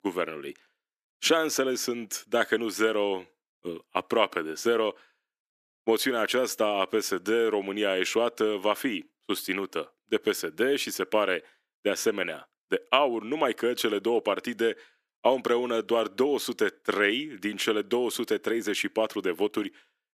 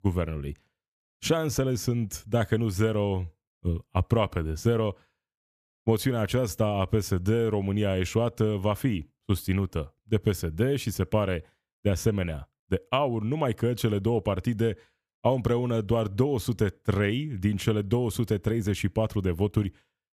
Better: second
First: thin; somewhat; fading below 300 Hz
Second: none

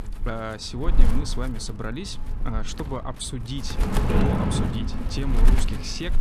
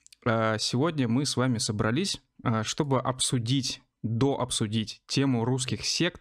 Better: second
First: wind noise on the microphone; heavy; 1 dB above the speech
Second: none

